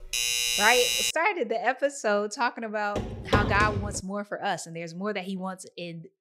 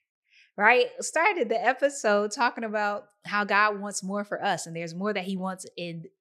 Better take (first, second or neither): second